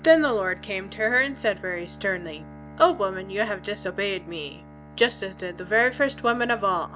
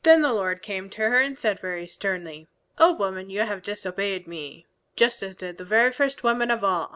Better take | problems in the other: second | background sound (Bowed string instrument); 18 dB below the speech

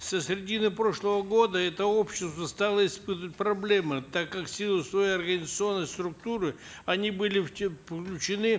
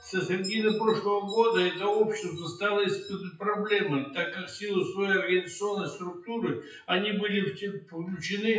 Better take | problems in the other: first | noise reduction (classical method WPE with log-MMSE)

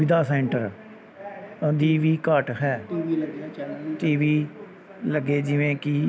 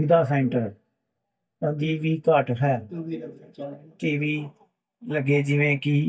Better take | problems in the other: first | noise reduction (neural mask model DeepFilterNet 3)

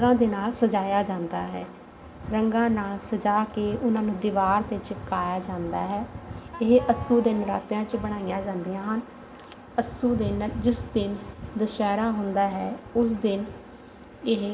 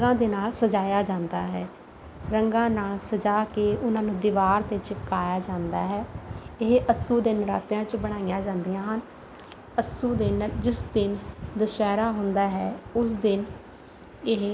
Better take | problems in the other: second | background sound (Wind instrument, woodwind instrument); 17 dB below the speech // room echo; dies away in 1.3 s

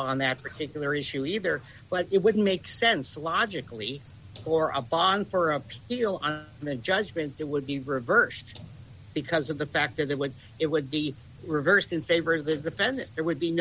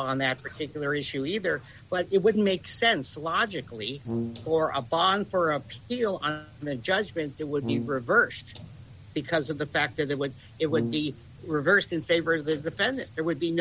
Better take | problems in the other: first | background sound (Brass instrument); 7 dB below the speech

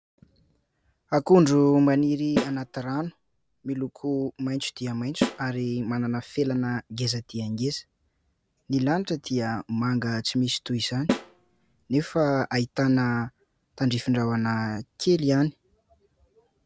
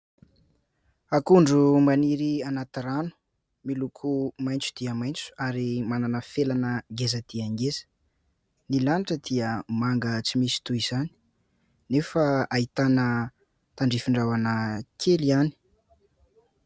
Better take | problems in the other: second | background sound (Snare drum); 7 dB below the speech

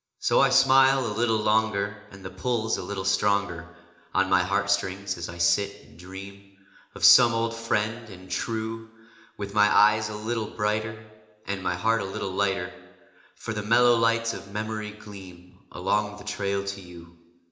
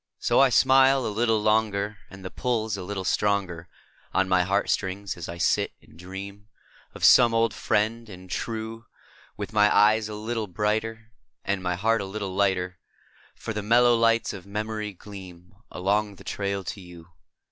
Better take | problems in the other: second | room echo; dies away in 0.8 s

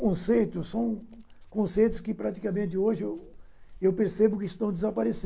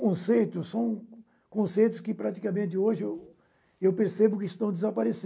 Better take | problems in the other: second | background sound (Dog); 16 dB below the speech

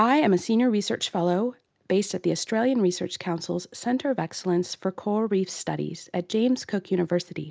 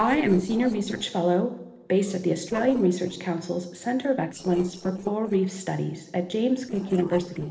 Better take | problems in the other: first | noise reduction (neural separator model SepFormer DNS4)

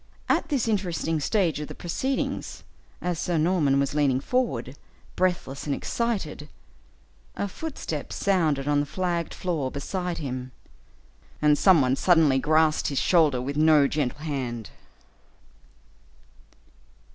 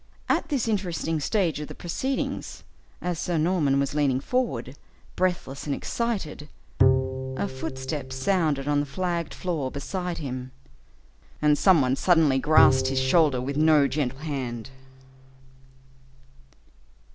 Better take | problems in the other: first | background sound (Bowed string instrument); 4 dB below the speech

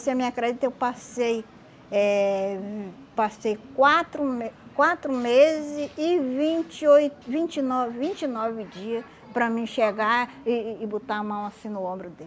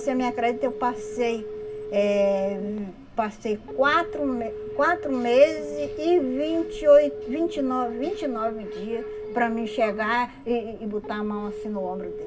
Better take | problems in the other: first | background sound (Telephone); 10 dB below the speech // room echo; dies away in 0.4 s

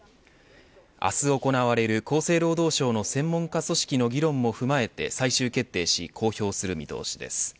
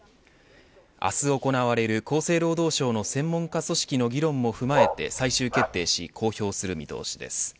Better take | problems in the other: first | background sound (Bark); 1 dB below the speech

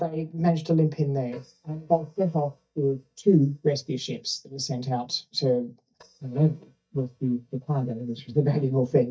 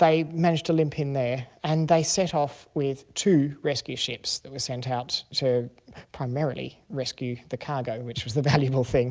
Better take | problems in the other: second | noise reduction (neural mask model DeepFilterNet 3)

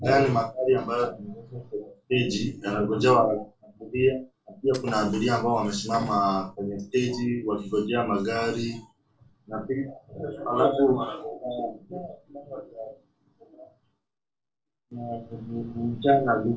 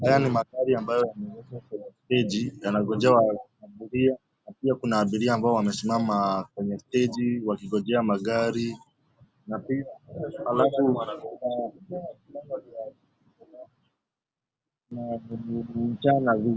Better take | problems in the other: second | noise reduction (neural separator model SepFormer DNS4)

